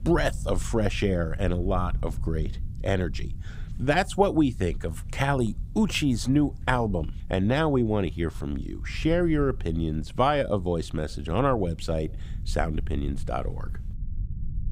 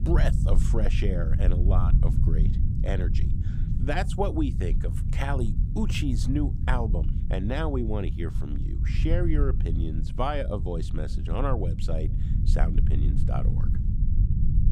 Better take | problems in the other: first | low rumble; loud; throughout; 8 dB below the speech; faint in the first

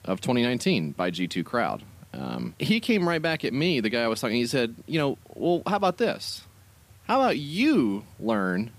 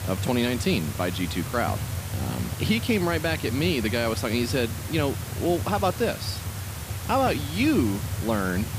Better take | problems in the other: first | hiss; loud; throughout; 6 dB below the speech; faint in the first

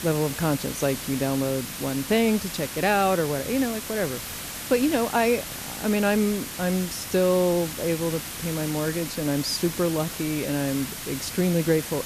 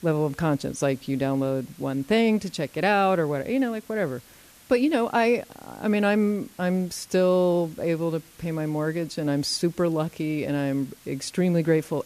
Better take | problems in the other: second | hiss; loud; throughout; 7 dB below the speech; faint in the second

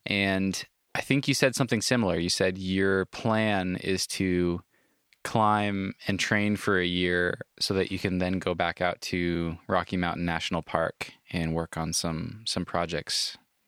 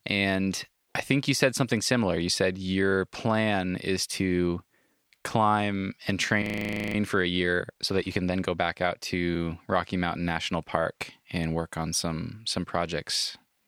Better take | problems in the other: first | audio freezing; at 6.5 s for 0.5 s

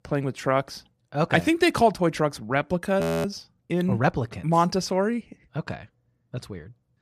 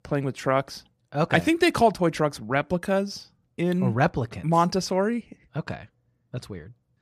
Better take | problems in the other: second | audio freezing; at 3 s

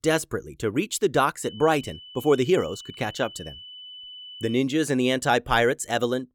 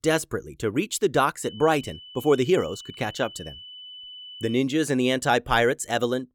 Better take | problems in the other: neither | high-pitched whine; noticeable; from 1.5 to 4.5 s; 3 kHz, 15 dB below the speech; the same in both

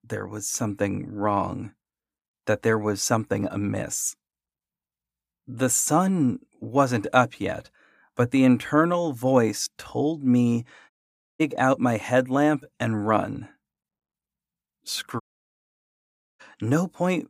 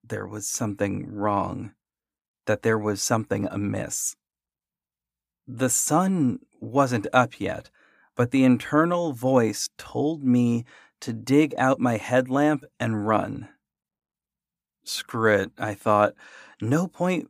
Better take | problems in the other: second | audio cutting out; at 11 s and at 15 s for 1 s

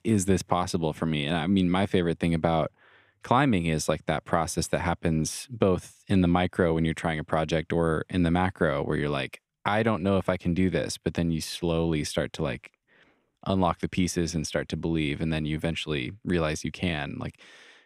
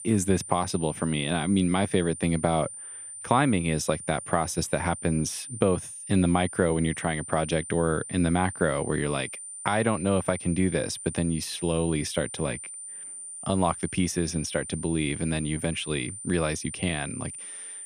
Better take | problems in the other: first | high-pitched whine; loud; throughout; 9 kHz, 10 dB below the speech

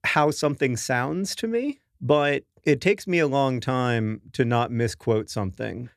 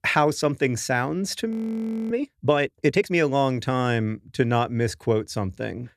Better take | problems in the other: first | audio freezing; at 1.5 s for 0.5 s

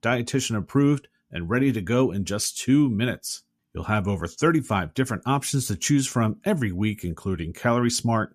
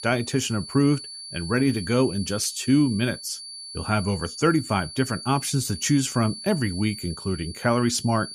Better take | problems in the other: first | high-pitched whine; noticeable; throughout; 4.5 kHz, 10 dB below the speech

